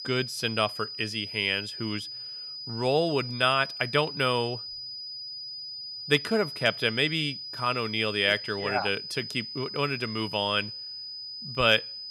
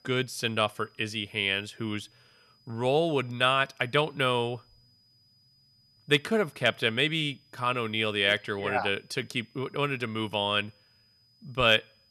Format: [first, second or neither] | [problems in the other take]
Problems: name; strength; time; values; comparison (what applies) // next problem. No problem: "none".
second | high-pitched whine; loud; throughout; 5 kHz, 9 dB below the speech; faint in the second